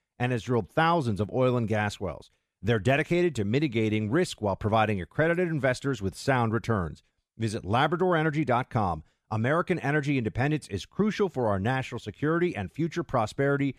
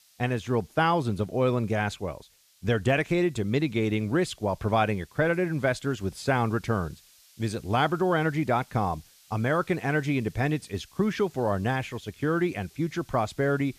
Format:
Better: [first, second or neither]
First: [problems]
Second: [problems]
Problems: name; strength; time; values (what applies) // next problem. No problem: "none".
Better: first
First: none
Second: hiss; faint; throughout; 30 dB below the speech